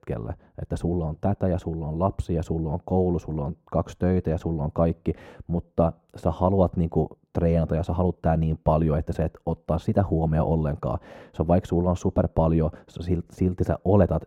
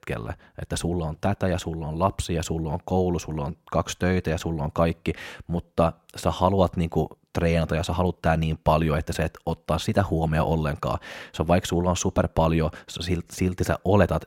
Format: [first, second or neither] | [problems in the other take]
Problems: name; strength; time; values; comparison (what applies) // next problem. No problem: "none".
second | muffled; slightly; fading above 1 kHz